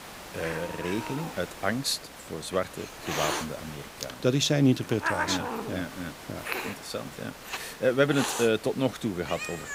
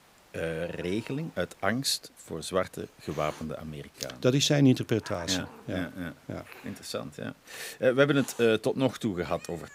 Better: second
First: hiss; loud; throughout; 7 dB below the speech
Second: hiss; faint; throughout; 25 dB below the speech

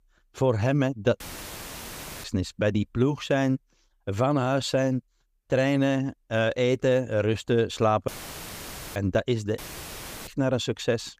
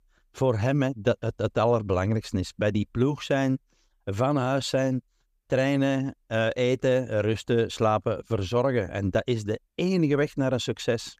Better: second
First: audio cutting out; filled with static; at 1 s for 1 s, at 8 s for 1 s and at 9.5 s for 0.5 s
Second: none

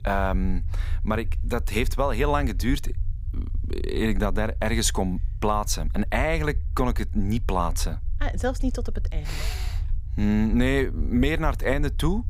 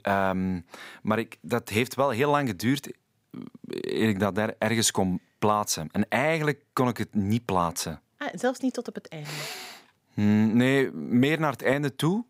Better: second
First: low rumble; faint; throughout; 25 dB below the speech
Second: none

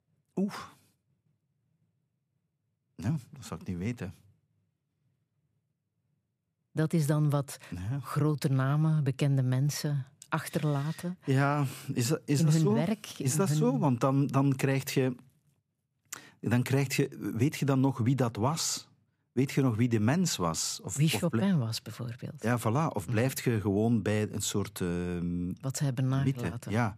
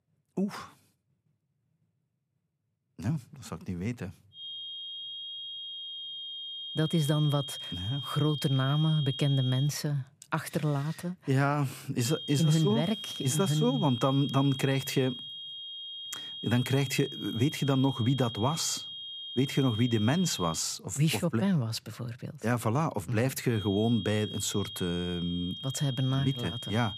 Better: first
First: none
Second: high-pitched whine; loud; from 4.5 to 9.5 s, from 12 to 21 s and from 24 s on; 3 kHz, 8 dB below the speech

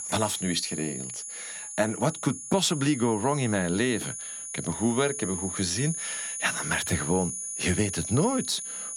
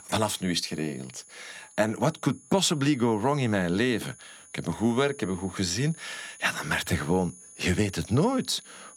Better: second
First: high-pitched whine; loud; throughout; 10 kHz, 5 dB below the speech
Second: high-pitched whine; faint; throughout; 10 kHz, 20 dB below the speech

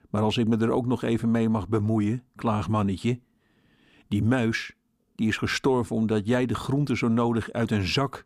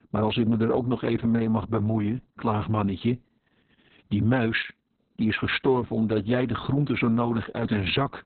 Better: first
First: none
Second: garbled, watery; badly; nothing above 4 kHz

